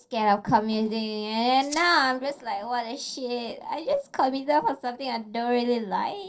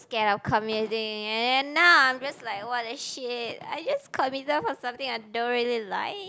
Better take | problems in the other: second | noise reduction (neural separator model SepFormer DNS4)

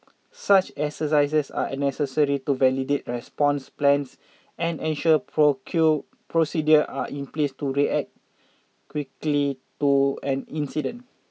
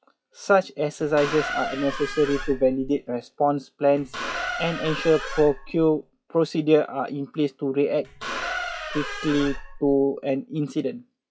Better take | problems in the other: first | noise reduction (classical method log-MMSE)

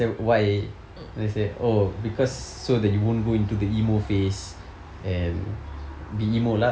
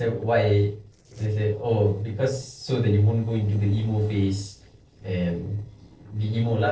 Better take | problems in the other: first | noise reduction (neural separator model SepFormer DNS4)

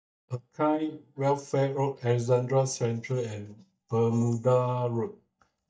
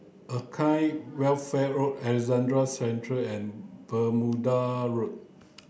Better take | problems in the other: second | noise reduction (neural mask model DeepFilterNet 3)

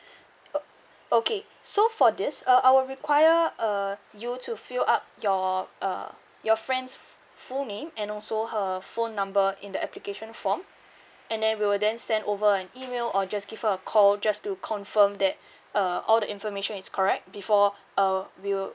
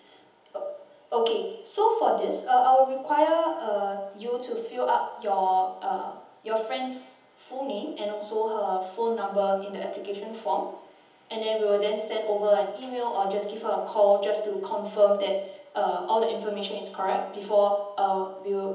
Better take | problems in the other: first | room echo; dies away in 1.3 s

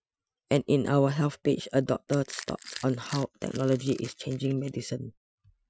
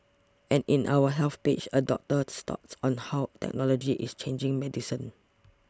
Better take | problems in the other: second | noise reduction (classical method Wiener filter)

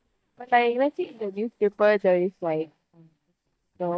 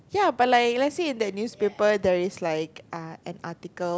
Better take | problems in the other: second | noise reduction (neural mask model DeepFilterNet 3)

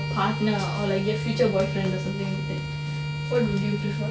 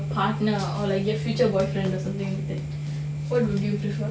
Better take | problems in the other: second | background sound (Bowed string instrument); 13 dB below the speech

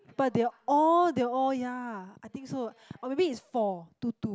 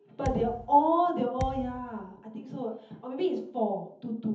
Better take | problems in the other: first | background sound (Thump, thud); 11 dB below the speech // room echo; dies away in 0.7 s

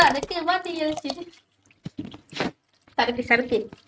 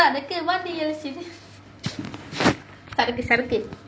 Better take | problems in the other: second | noise reduction (neural mask model RNNoise)

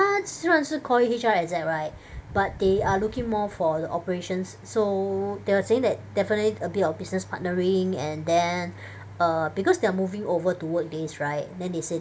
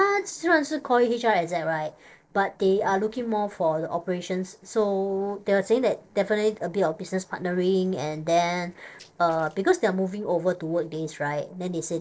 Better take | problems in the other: first | noise reduction (neural separator model SepFormer DNS4)

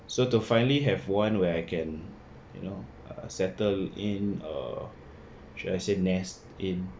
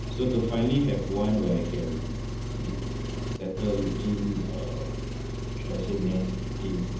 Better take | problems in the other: first | background sound (Engine); 2 dB below the speech // room echo; dies away in 0.8 s

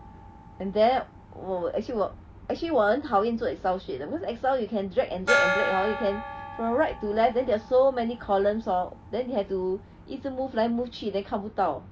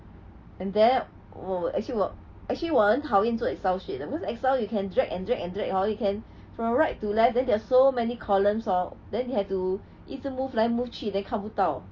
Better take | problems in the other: second | background sound (Gong); 9 dB below the speech

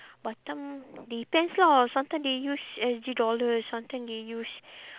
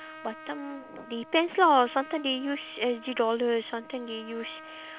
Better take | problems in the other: first | background sound (Trumpet); 18 dB below the speech

